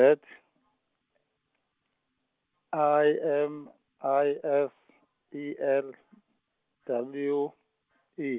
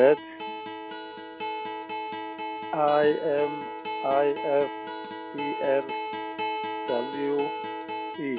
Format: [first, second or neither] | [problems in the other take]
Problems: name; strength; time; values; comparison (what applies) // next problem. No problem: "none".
first | background sound (Acoustic guitar); 6 dB below the speech